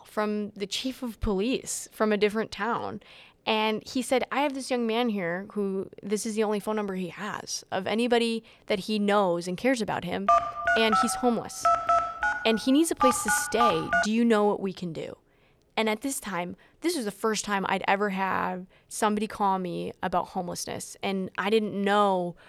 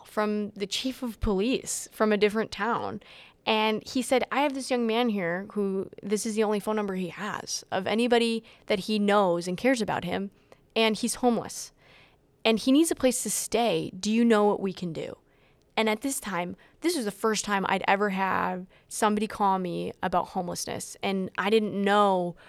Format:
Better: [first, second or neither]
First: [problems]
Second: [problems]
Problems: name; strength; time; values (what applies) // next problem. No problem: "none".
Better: second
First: phone ringing; loud; from 10 to 14 s; peak 5 dB above the speech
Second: none